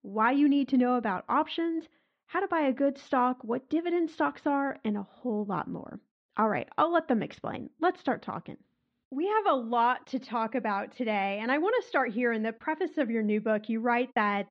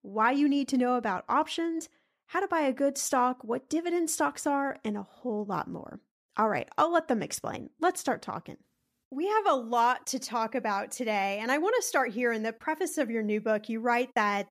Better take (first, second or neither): second